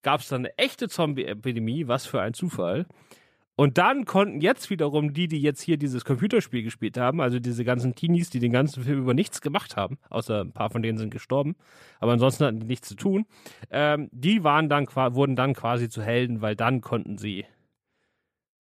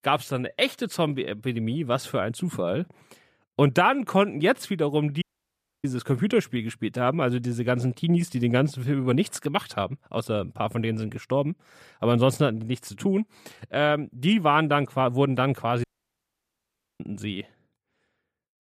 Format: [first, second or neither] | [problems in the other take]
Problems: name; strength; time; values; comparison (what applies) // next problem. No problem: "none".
first | audio cutting out; at 5 s for 0.5 s and at 16 s for 1 s